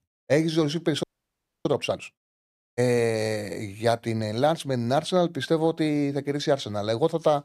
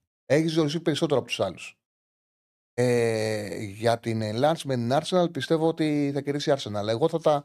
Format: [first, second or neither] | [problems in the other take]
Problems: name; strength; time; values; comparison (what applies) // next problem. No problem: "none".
second | audio freezing; at 1 s for 0.5 s